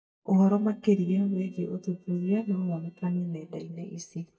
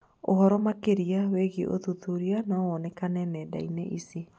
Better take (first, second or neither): second